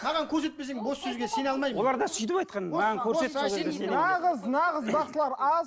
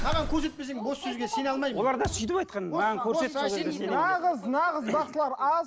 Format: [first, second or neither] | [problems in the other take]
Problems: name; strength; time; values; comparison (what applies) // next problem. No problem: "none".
first | background sound (Thump, thud + Explosion); 11 dB below the speech